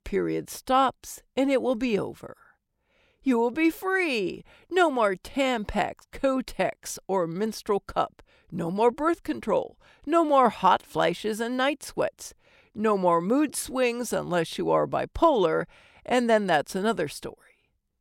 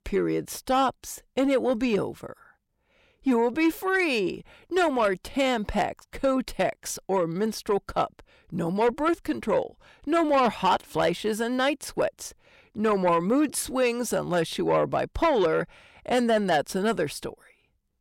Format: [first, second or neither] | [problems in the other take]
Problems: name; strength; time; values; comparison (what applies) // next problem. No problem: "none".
first | distortion; slight; 10 dB below the speech